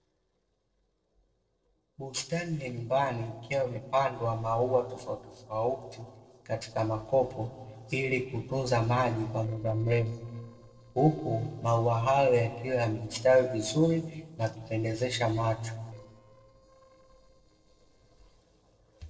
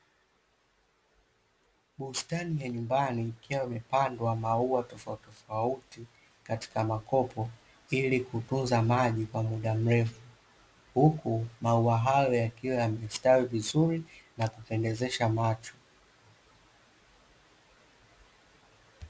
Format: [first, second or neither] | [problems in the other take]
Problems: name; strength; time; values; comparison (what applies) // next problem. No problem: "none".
second | noise reduction (neural separator model SepFormer DNS4)